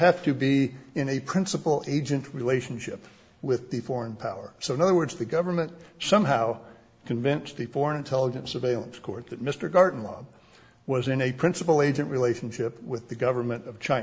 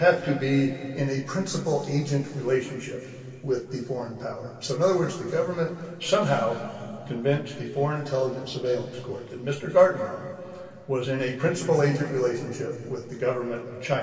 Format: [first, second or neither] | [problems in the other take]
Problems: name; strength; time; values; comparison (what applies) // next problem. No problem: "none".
first | room echo; dies away in 2.6 s